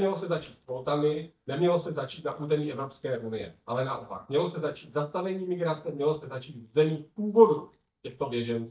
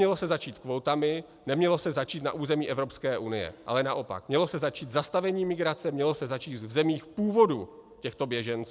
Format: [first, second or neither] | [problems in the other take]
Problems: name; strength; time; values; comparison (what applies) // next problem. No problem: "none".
second | noise reduction (neural mask model DeepFilterNet 3)